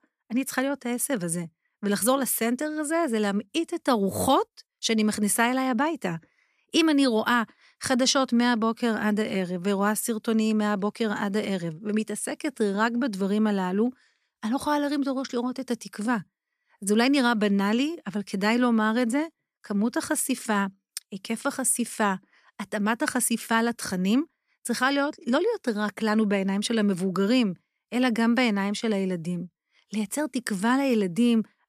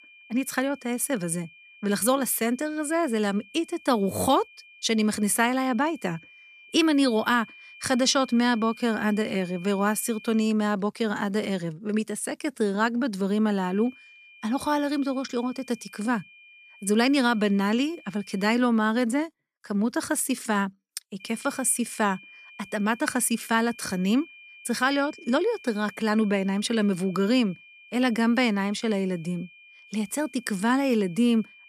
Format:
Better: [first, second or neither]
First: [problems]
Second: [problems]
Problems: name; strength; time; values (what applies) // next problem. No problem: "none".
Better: first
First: none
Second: high-pitched whine; faint; until 10 s, from 14 to 19 s and from 21 s on; 2.5 kHz, 20 dB below the speech